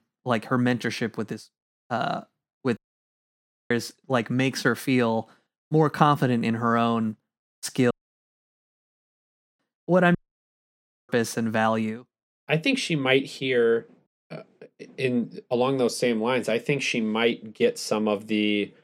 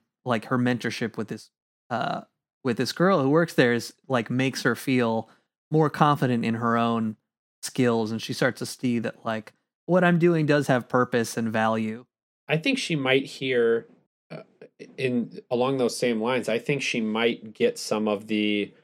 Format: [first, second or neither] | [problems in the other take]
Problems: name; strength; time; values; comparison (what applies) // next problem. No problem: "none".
second | audio cutting out; at 3 s for 1 s, at 8 s for 1.5 s and at 10 s for 1 s